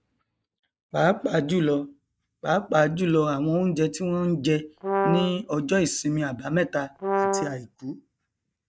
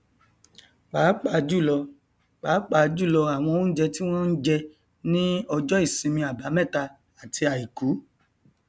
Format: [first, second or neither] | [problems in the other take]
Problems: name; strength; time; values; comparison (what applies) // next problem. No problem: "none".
second | noise reduction (neural mask model DeepFilterNet 3)